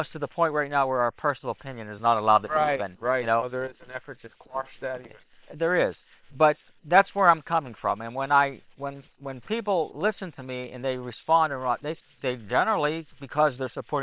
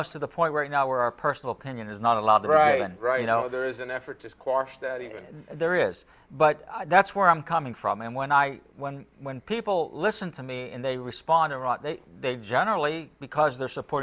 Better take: second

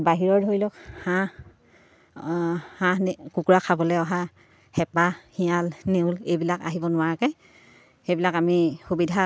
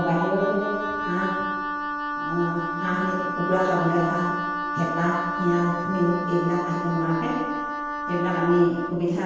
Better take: first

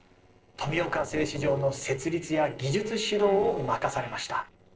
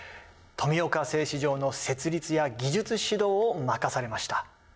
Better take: second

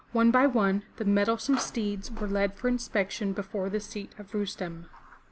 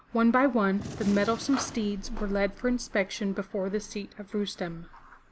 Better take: first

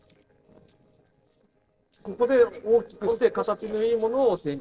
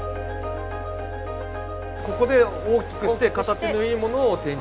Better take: second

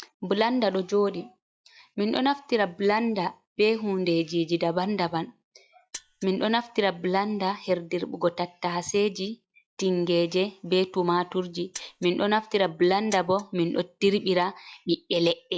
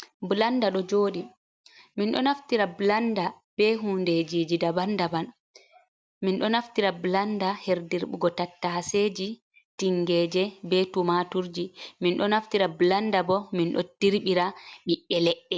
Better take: second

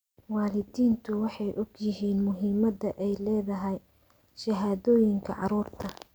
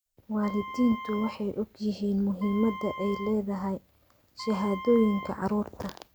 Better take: first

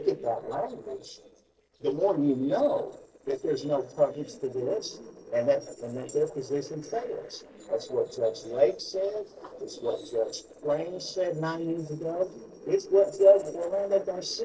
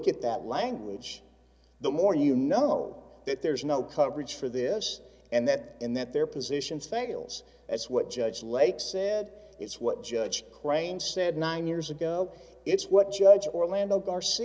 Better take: second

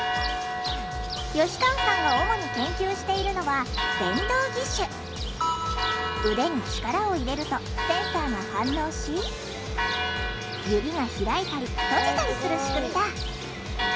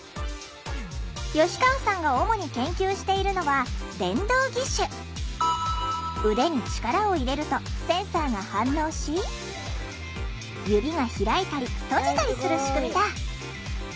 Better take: second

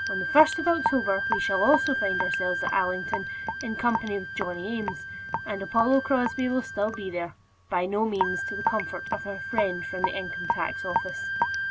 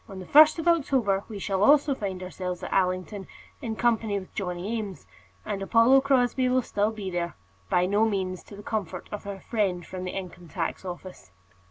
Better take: second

